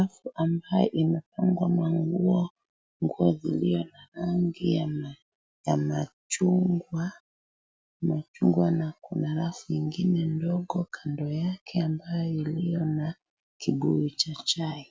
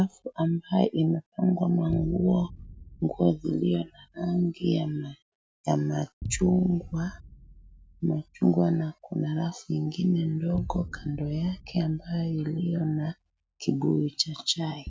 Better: first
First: none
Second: background sound (Boom); 17 dB below the speech

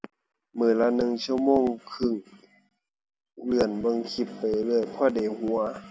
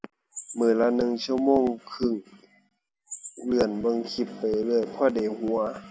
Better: first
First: none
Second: background sound (Chirp, tweet); 20 dB below the speech

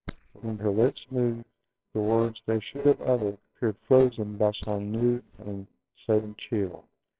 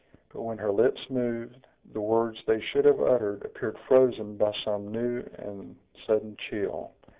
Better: second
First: noise reduction (neural separator model SepFormer WHAMR!)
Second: none

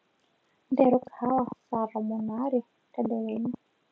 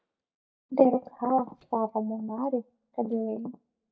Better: first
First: none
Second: noise reduction (neural mask model DeepFilterNet 3)

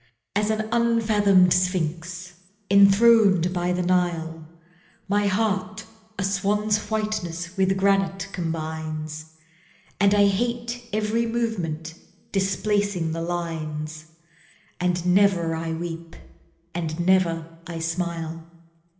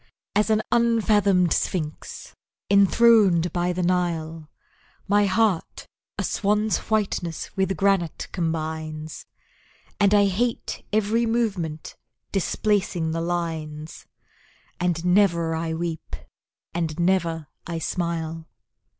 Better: second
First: room echo; dies away in 0.8 s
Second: none

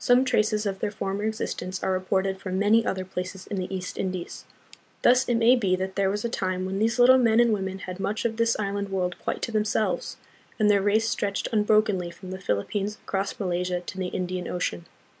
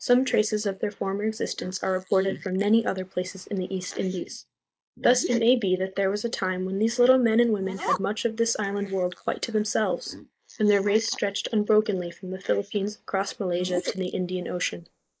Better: first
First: none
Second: noise reduction (neural mask model Resemble Enhance denoiser)

